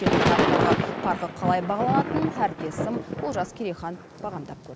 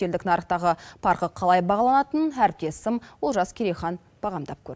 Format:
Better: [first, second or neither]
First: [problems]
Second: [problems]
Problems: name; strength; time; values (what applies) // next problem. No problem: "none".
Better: second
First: background sound (Thunder / Rain); 2 dB above the speech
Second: none